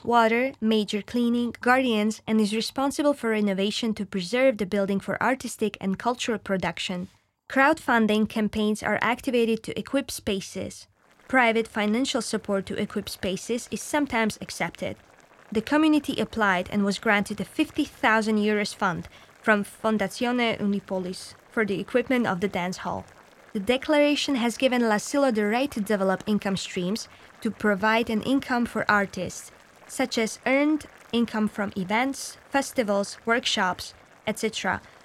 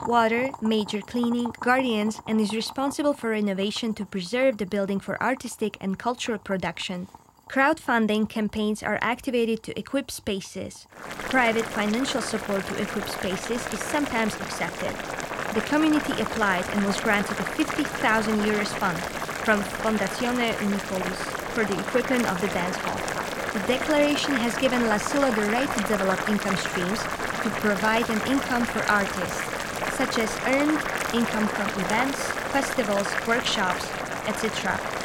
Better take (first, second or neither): first